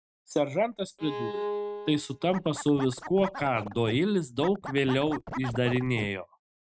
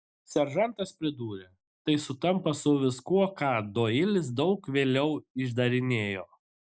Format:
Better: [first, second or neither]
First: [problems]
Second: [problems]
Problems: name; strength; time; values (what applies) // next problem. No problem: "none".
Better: second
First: noise reduction (neural mask model RNNoise)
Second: none